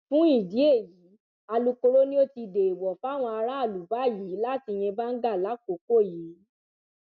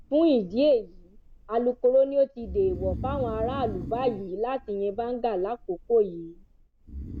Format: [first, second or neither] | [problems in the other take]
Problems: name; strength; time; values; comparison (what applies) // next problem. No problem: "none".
first | background sound (Breathing); 13 dB below the speech